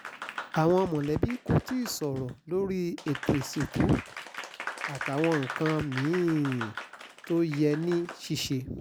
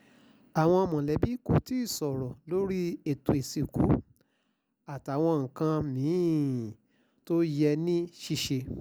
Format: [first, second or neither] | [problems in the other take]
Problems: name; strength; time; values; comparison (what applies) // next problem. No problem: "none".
second | background sound (Applause); 12 dB below the speech